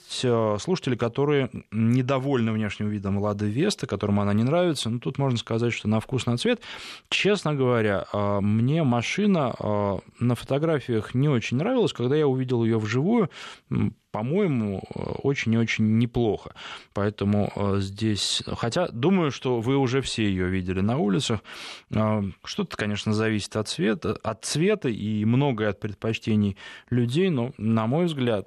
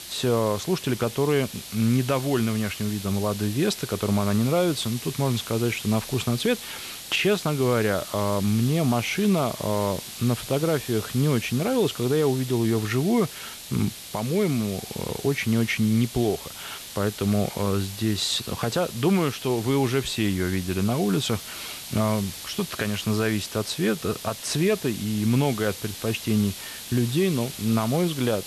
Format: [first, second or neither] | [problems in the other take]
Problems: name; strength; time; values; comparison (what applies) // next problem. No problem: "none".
first | hiss; noticeable; throughout; 10 dB below the speech